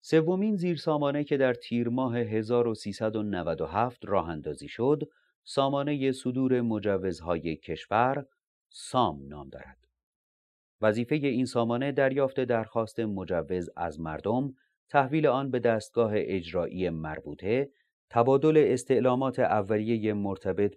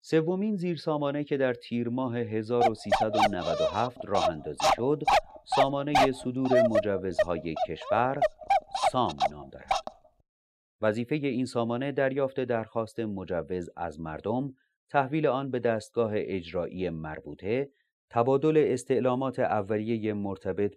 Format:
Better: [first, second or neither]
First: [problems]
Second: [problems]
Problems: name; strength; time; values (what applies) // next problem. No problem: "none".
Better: first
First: none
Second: dog barking; loud; from 2.5 to 10 s; peak 6 dB above the speech